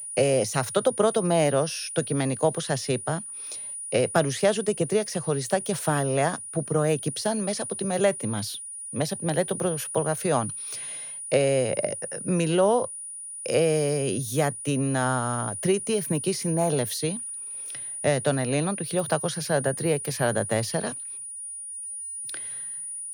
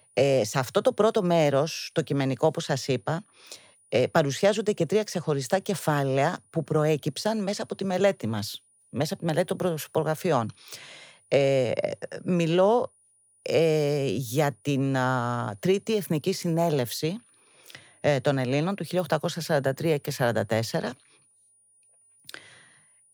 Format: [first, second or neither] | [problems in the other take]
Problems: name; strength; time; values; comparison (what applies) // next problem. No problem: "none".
second | high-pitched whine; loud; throughout; 9.5 kHz, 7 dB below the speech; faint in the second